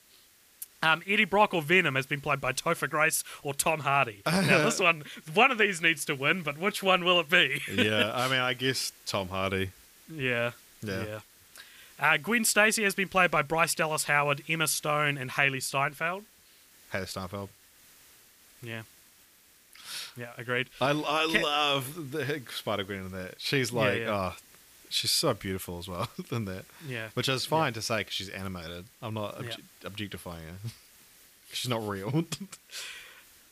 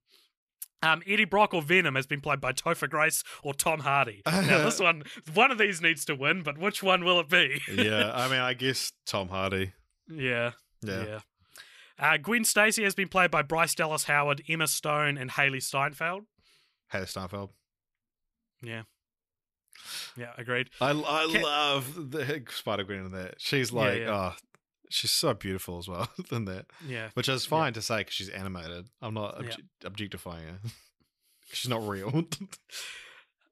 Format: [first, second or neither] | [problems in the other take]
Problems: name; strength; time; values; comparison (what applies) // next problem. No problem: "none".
second | hiss; faint; throughout; 25 dB below the speech